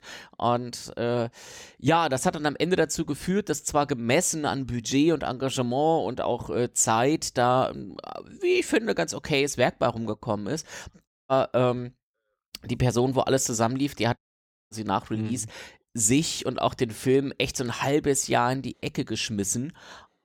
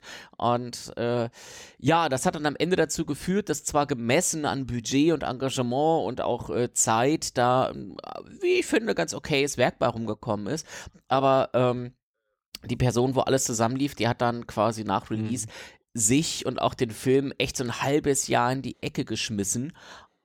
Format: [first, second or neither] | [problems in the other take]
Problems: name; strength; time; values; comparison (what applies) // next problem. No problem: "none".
second | audio cutting out; at 11 s and at 14 s for 0.5 s